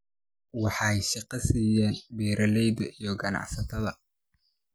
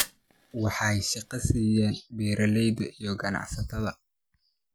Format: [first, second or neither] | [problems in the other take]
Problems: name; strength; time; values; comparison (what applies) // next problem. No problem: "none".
first | background sound (Fire); 15 dB below the speech